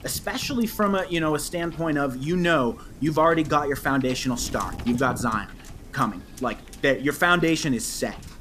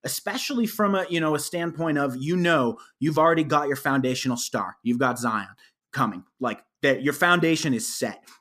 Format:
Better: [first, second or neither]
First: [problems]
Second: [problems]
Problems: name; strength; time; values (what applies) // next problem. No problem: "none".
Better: second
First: wind noise on the microphone; occasional gusts; 20 dB below the speech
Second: none